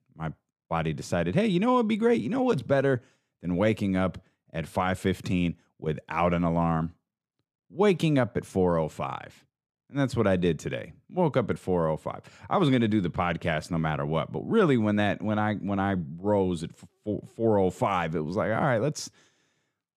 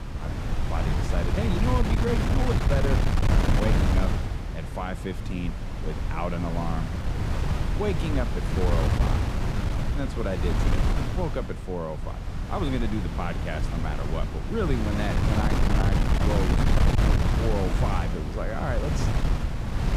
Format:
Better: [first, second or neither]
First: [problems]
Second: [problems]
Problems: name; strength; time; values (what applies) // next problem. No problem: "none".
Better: first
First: none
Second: wind noise on the microphone; heavy; as loud as the speech